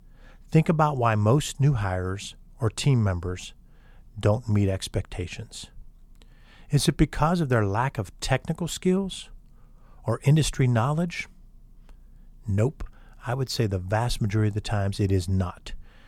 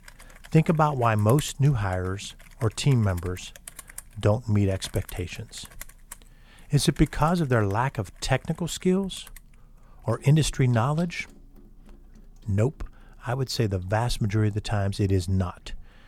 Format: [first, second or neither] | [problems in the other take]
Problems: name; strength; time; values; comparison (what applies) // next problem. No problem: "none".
first | household noises; faint; throughout; 20 dB below the speech